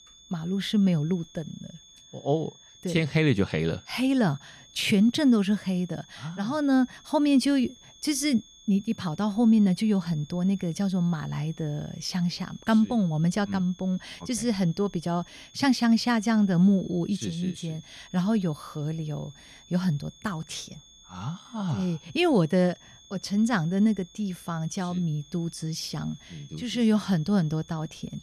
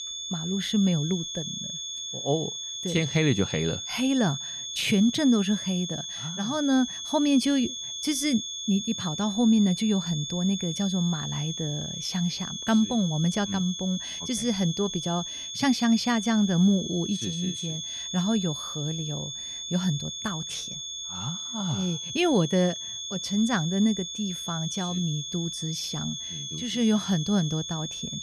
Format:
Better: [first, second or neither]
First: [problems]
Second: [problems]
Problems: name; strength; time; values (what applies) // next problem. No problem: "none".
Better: first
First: high-pitched whine; faint; throughout; 3.5 kHz, 25 dB below the speech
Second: high-pitched whine; loud; throughout; 3.5 kHz, 6 dB below the speech